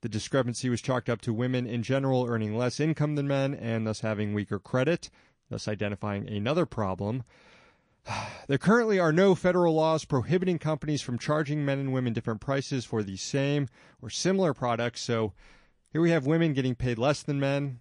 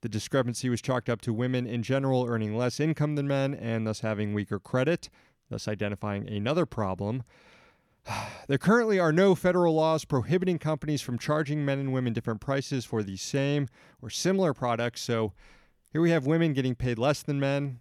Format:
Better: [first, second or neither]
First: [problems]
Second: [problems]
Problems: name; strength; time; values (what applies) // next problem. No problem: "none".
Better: second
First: garbled, watery; slightly; nothing above 10 kHz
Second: none